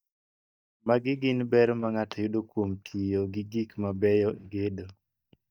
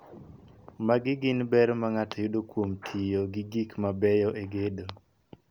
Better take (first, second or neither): second